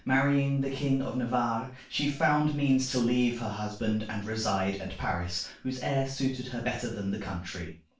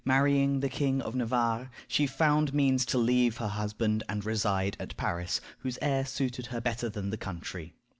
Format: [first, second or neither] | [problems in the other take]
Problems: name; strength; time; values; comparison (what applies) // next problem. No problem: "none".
second | room echo; dies away in 0.3 s